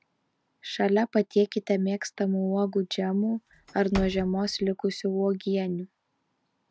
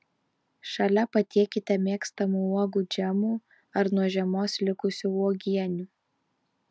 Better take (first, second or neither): second